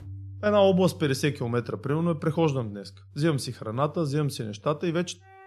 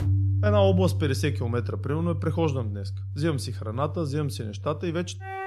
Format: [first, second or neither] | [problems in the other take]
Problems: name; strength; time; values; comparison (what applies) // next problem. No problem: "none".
first | background music; loud; throughout; 2 dB below the speech; faint in the first